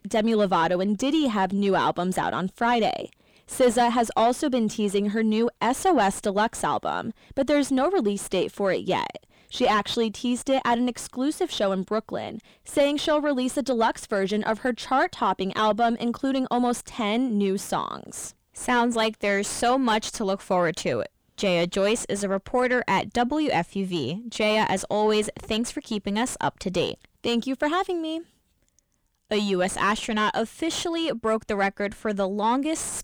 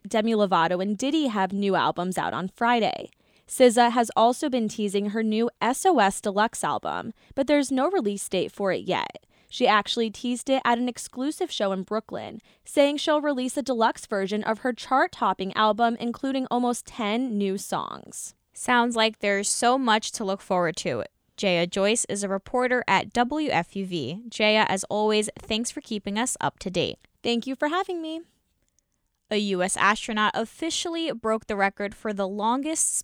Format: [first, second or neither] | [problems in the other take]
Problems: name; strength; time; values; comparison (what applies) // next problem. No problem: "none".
second | distortion; slight; 10 dB below the speech